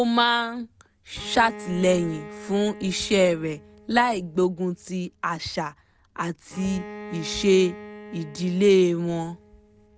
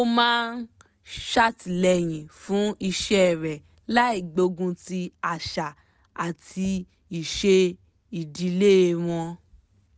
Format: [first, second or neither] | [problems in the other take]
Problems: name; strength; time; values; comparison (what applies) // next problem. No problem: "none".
second | background sound (Bowed string instrument); 18 dB below the speech